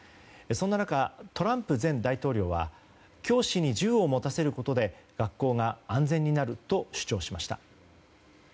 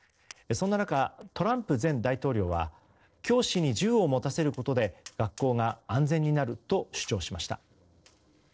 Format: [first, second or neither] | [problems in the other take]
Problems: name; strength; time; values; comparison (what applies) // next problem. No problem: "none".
first | noise reduction (neural separator model SepFormer DNS4)